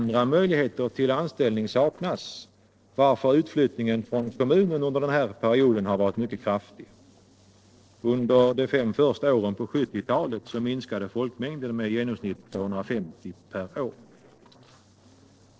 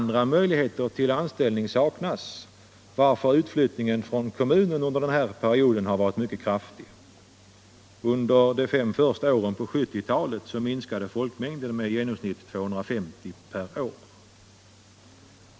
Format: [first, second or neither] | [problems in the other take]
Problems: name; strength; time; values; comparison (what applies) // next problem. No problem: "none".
second | noise reduction (neural separator model SepFormer DNS4)